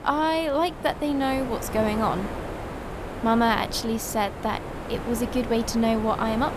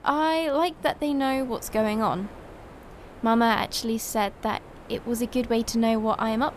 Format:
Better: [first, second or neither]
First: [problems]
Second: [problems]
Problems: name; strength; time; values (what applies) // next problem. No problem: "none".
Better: second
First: wind noise on the microphone; heavy; 10 dB below the speech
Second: wind noise on the microphone; occasional gusts; 20 dB below the speech